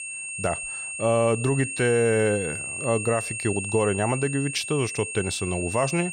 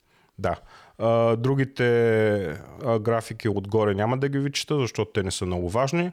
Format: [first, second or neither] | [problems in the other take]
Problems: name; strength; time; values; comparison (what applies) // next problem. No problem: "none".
second | high-pitched whine; loud; throughout; 2.5 kHz, 5 dB below the speech